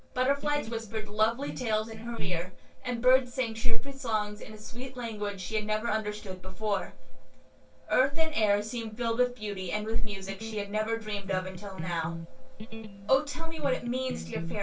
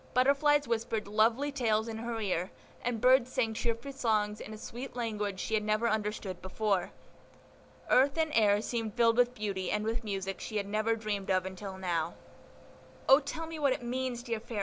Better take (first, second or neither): second